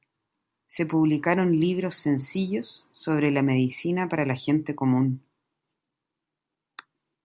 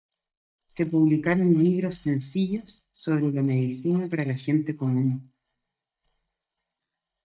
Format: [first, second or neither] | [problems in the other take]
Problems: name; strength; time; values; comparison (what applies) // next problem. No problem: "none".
first | noise reduction (neural mask model DeepFilterNet 3)